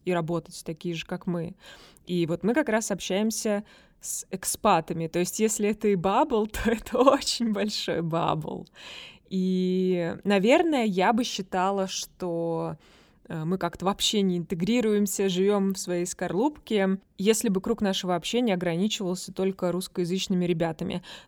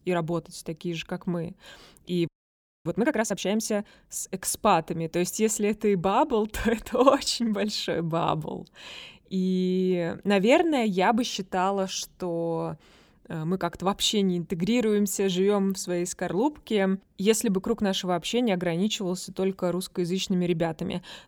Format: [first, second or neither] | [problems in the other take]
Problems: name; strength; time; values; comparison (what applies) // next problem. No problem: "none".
first | audio freezing; at 2.5 s for 0.5 s